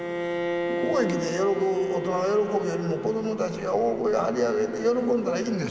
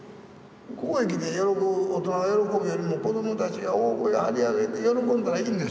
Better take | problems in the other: second | background sound (Bowed string instrument); 8 dB below the speech

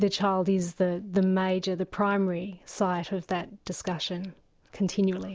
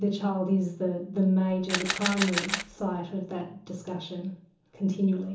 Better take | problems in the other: first | background sound (Camera); 3 dB below the speech // room echo; dies away in 1.2 s

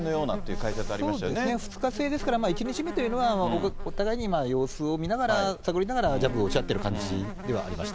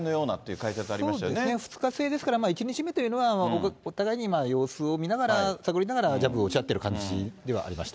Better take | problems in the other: second | background sound (Insect); 7 dB below the speech

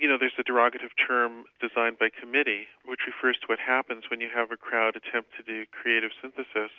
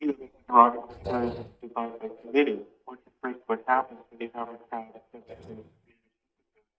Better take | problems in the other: first | noise reduction (neural mask model DeepFilterNet 3)

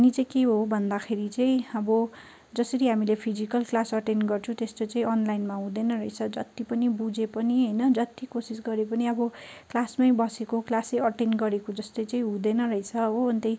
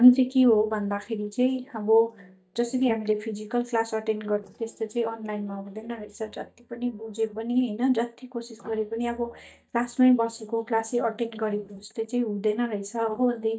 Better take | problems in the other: first | noise reduction (neural mask model DeepFilterNet 3)

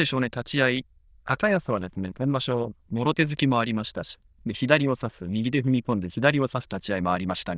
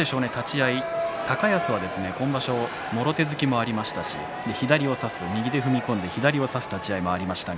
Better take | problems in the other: second | noise reduction (neural diffusion model UNIVERSE++)

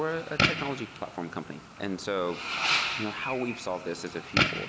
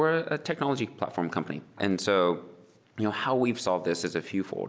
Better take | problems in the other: second | background sound (Fireworks); 2 dB above the speech

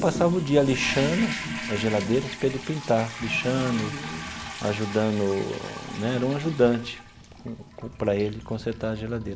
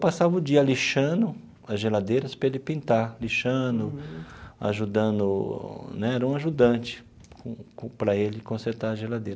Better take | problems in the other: second | background sound (Toilet flush); 9 dB below the speech

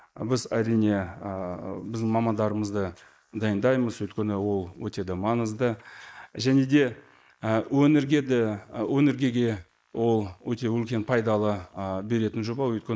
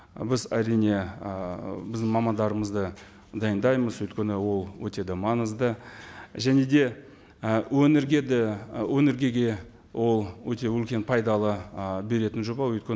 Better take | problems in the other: second | noise reduction (neural mask model Resemble Enhance denoiser)

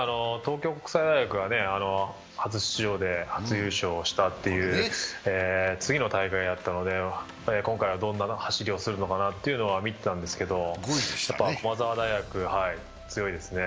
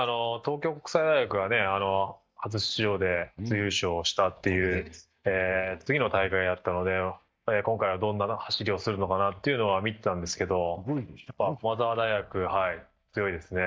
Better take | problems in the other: first | noise reduction (neural mask model DeepFilterNet 3)

